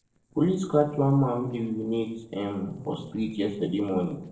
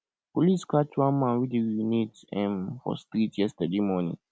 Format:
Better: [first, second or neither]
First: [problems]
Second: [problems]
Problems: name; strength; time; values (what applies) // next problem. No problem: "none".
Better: second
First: noise reduction (neural separator model SepFormer DNS4)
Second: none